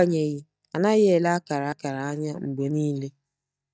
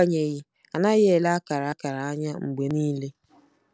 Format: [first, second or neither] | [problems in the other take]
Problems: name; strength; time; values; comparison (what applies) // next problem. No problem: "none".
second | noise reduction (neural mask model DeepFilterNet 3)